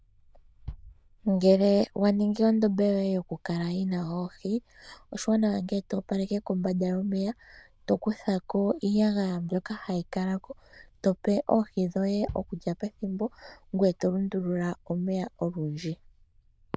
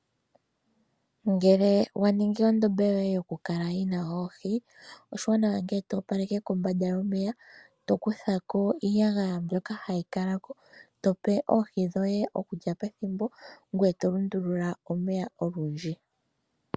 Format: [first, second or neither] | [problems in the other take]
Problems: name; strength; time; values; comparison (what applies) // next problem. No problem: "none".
second | noise reduction (neural diffusion model UNIVERSE++)